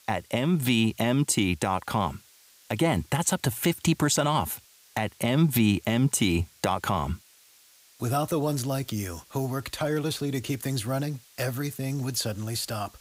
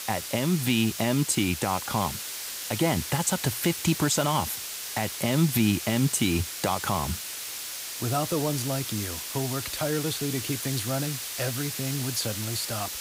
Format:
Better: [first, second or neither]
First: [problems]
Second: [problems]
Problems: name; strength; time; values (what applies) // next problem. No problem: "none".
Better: first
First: hiss; faint; throughout; 25 dB below the speech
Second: hiss; loud; throughout; 5 dB below the speech